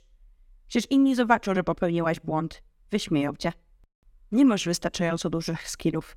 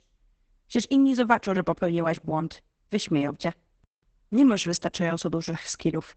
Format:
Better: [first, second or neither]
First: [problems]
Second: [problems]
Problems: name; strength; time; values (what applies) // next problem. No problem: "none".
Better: first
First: none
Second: garbled, watery; badly; nothing above 8 kHz